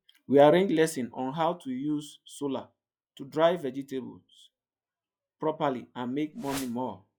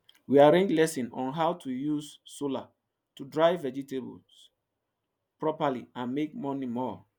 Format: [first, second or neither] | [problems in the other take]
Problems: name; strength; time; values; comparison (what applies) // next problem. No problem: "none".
second | noise reduction (classical method log-MMSE)